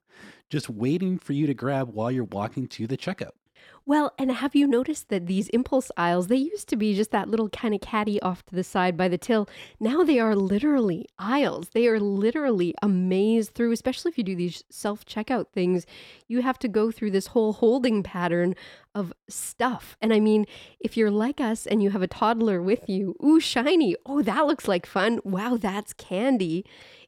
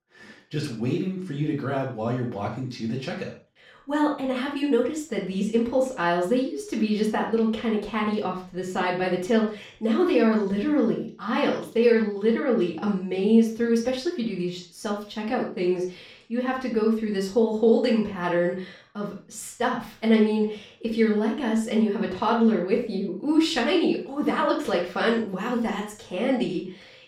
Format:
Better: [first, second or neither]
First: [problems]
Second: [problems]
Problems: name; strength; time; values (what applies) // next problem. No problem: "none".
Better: first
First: none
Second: room echo; noticeable; dies away in 0.4 s // off-mic speech; far